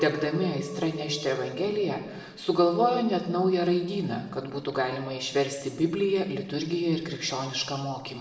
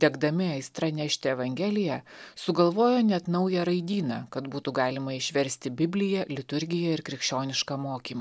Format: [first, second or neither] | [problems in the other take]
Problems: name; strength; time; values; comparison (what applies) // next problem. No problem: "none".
second | background sound (Chink, clink); 17 dB below the speech // room echo; dies away in 1.1 s